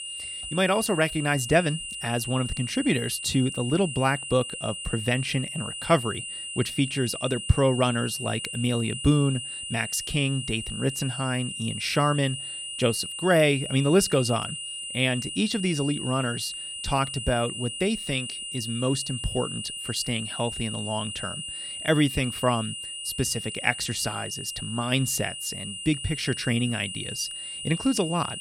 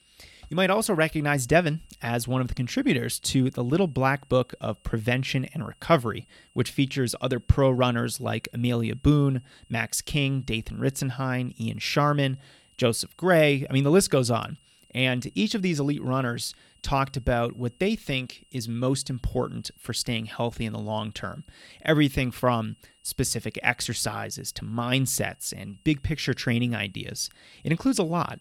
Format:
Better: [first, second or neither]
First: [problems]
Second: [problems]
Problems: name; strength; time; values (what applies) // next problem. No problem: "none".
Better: second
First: high-pitched whine; loud; throughout; 3 kHz, 6 dB below the speech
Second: high-pitched whine; faint; throughout; 3 kHz, 35 dB below the speech